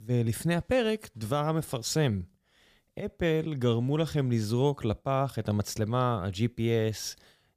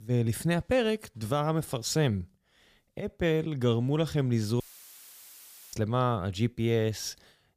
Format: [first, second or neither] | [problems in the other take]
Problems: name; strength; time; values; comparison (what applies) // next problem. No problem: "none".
first | audio cutting out; filled with static; at 4.5 s for 1 s